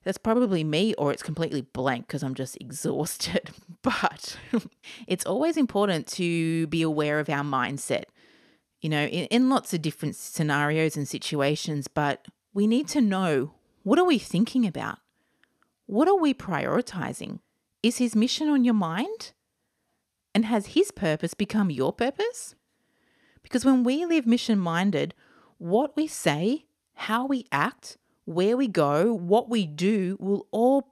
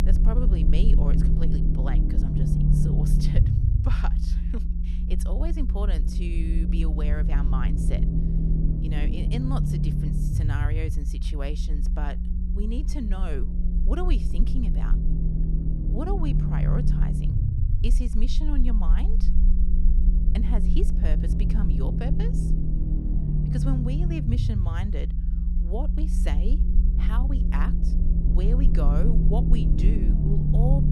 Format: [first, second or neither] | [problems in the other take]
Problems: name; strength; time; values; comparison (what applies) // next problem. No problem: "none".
first | low rumble; loud; throughout; as loud as the speech